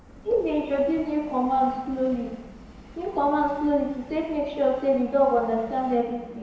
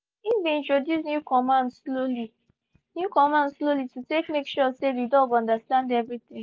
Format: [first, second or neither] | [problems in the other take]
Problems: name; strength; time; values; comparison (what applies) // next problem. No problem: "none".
second | background sound (Subway, metro, underground); 19 dB below the speech // room echo; dies away in 1 s